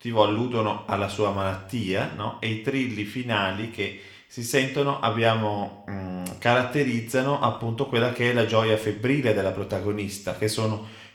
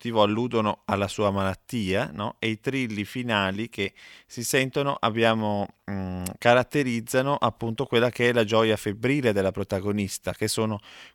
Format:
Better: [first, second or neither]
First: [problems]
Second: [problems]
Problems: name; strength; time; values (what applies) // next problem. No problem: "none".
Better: second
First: room echo; slight; dies away in 0.6 s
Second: none